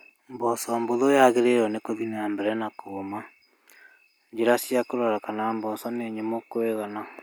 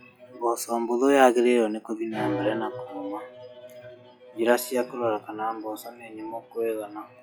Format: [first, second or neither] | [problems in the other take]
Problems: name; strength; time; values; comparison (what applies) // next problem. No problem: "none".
first | noise reduction (classical method log-MMSE)